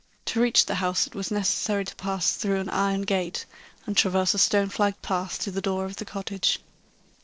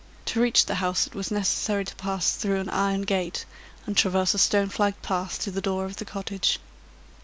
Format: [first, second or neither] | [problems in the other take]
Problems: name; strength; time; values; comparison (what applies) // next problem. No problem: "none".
second | noise reduction (neural separator model SepFormer DNS4)